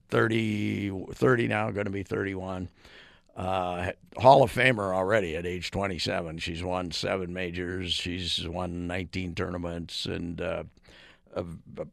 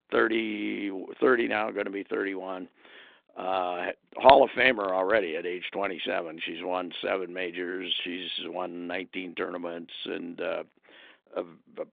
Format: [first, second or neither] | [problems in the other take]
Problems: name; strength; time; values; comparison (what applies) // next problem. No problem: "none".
first | phone-call audio; nothing above 3.5 kHz